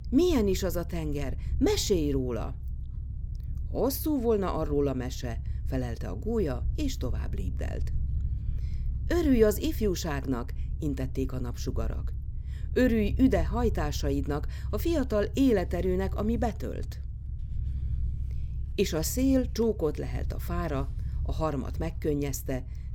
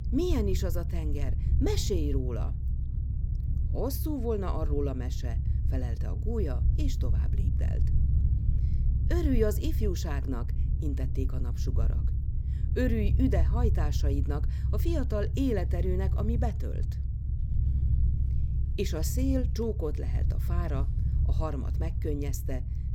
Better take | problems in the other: first | low rumble; loud; throughout; 10 dB below the speech; faint in the first

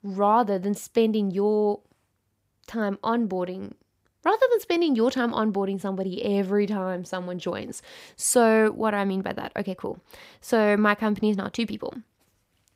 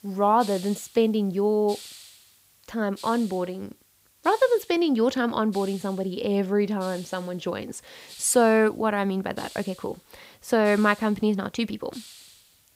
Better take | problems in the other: first | hiss; faint; throughout; 20 dB below the speech

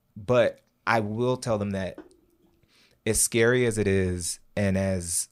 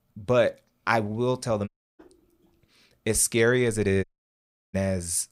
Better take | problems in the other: first | audio cutting out; at 1.5 s and at 4 s for 0.5 s

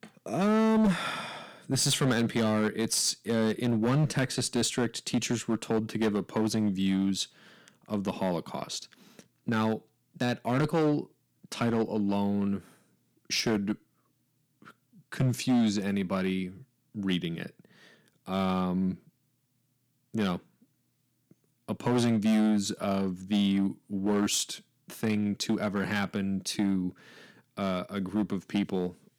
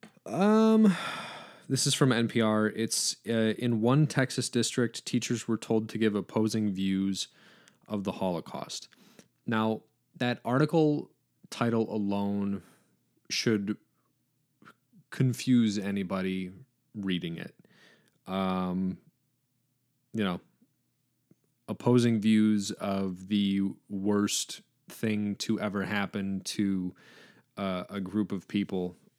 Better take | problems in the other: second | distortion; slight; 6% of the sound clipped

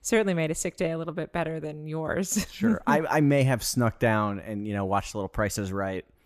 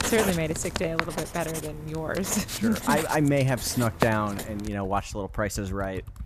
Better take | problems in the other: first | household noises; loud; throughout; 6 dB below the speech

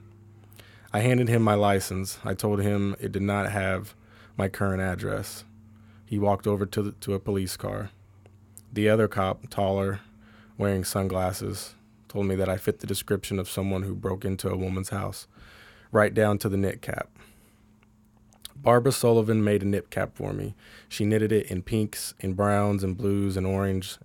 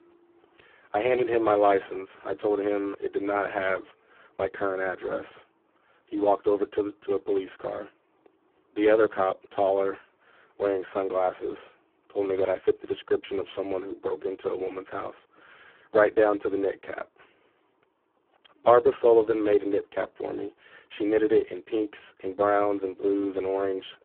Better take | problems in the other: first | phone-call audio; poor line

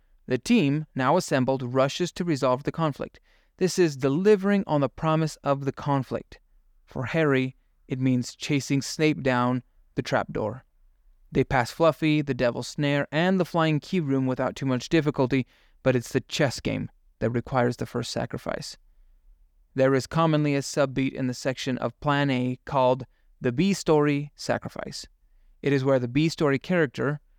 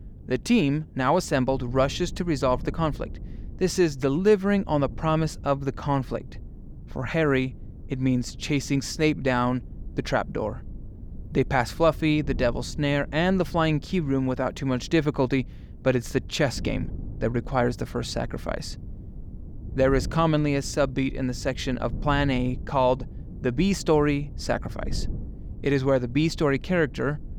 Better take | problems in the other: first | wind noise on the microphone; occasional gusts; 25 dB below the speech

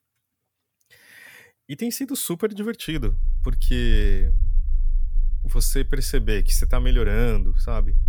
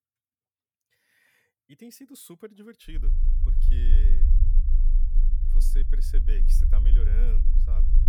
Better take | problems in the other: first | low rumble; loud; from 3 s on; 2 dB below the speech; faint in the first

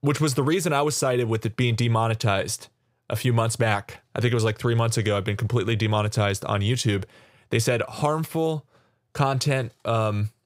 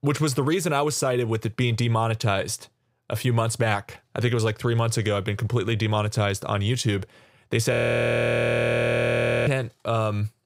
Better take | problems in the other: first | audio freezing; at 7.5 s for 1.5 s

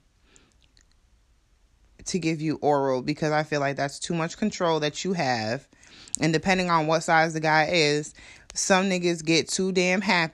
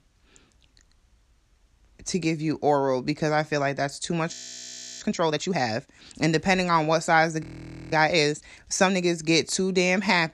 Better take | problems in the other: first | audio freezing; at 4.5 s for 0.5 s and at 7.5 s

